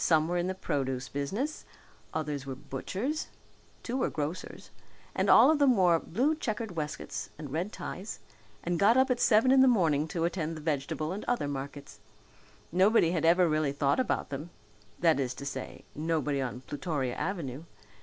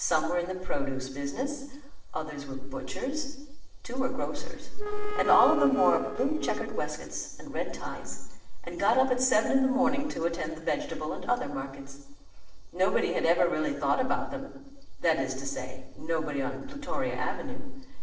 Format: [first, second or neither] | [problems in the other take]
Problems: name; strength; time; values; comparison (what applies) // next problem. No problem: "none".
first | noise reduction (neural separator model SepFormer DNS4)